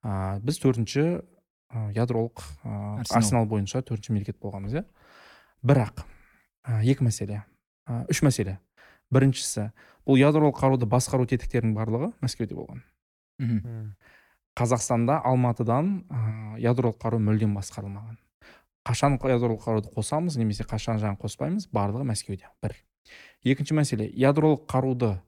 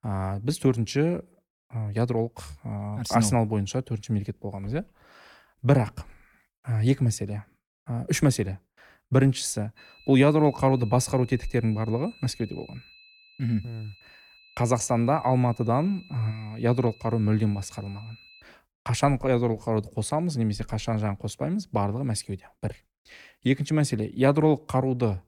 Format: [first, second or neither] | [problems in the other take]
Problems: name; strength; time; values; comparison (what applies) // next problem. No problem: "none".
first | high-pitched whine; faint; from 10 to 18 s; 2.5 kHz, 25 dB below the speech